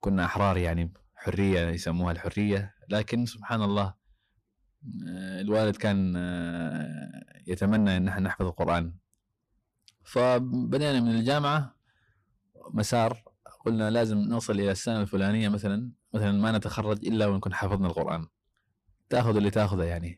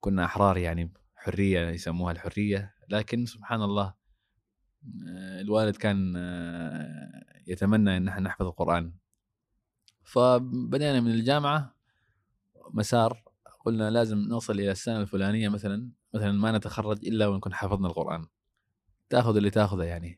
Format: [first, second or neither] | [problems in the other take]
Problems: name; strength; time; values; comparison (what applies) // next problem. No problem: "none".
second | distortion; slight; 10 dB below the speech